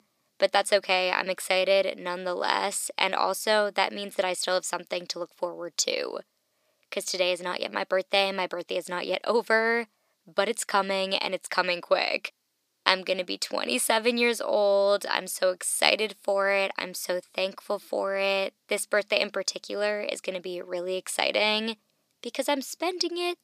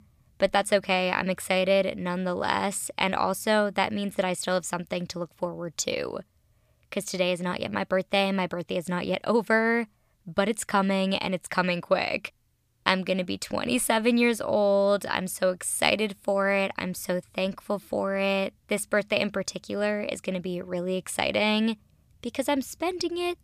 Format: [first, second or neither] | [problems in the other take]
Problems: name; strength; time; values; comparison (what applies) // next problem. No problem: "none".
second | thin; somewhat; fading below 300 Hz